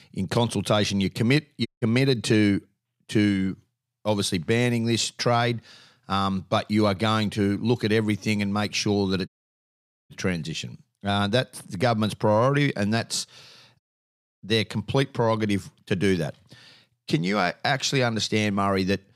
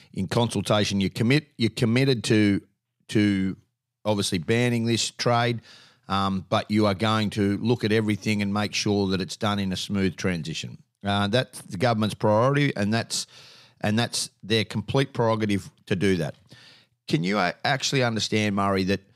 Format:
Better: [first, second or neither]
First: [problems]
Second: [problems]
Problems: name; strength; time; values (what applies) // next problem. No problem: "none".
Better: second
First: audio cutting out; at 1.5 s, at 9.5 s for 1 s and at 14 s for 0.5 s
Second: none